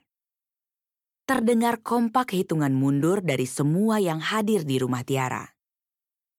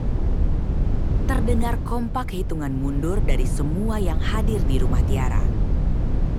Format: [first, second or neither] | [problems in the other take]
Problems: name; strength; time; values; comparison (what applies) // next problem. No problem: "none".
first | wind noise on the microphone; heavy; 6 dB below the speech